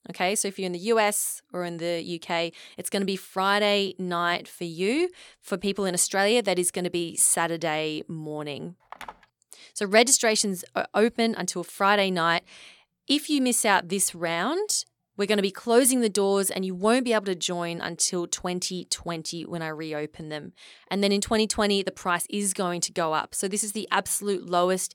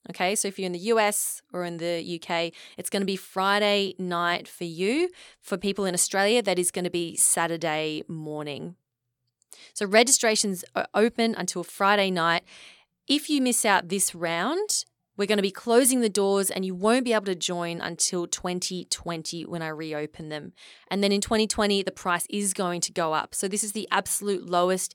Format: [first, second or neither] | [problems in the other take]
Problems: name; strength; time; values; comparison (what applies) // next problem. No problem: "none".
second | phone ringing; faint; at 9 s; peak 15 dB below the speech